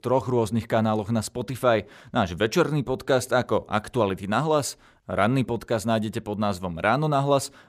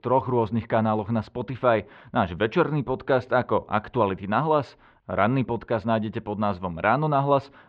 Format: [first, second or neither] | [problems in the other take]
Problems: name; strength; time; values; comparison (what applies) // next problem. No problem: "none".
first | muffled; very; fading above 3 kHz